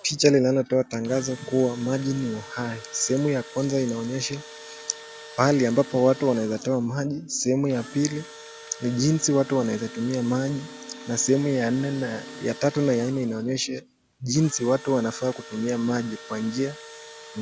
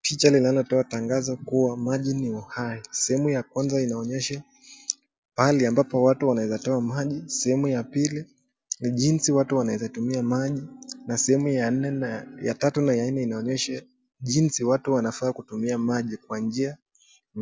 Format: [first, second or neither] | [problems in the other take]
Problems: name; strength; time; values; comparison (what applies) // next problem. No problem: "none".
second | background sound (Engine / Drill); 18 dB below the speech